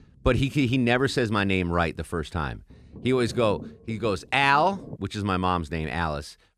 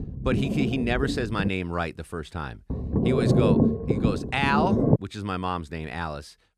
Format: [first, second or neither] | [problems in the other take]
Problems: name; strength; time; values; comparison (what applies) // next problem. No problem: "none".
first | low rumble; loud; until 1.5 s and from 2.5 to 5 s; 1 dB below the speech; faint in the first